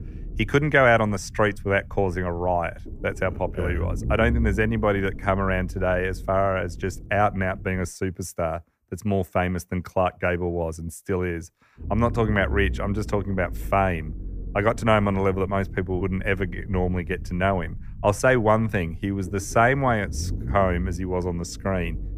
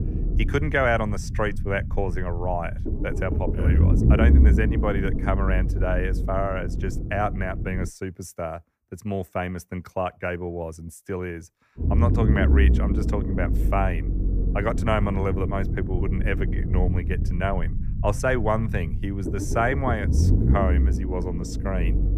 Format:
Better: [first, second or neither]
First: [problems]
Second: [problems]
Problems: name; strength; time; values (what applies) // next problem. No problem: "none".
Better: first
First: low rumble; faint; until 8 s and from 12 s on; 25 dB below the speech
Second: low rumble; loud; until 8 s and from 12 s on; 8 dB below the speech